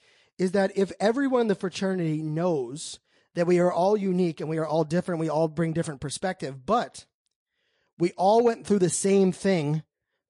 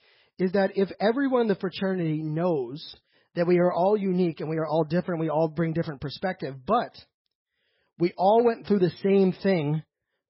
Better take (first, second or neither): first